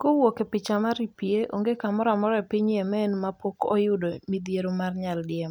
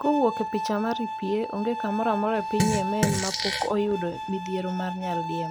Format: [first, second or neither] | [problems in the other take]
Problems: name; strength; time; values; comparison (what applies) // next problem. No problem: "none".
first | background sound (Fart + Bowed string instrument); 3 dB below the speech